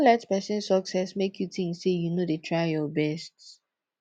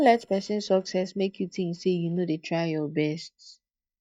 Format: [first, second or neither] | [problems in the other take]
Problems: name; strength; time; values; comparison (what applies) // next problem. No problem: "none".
first | noise reduction (neural mask model DeepFilterNet 3)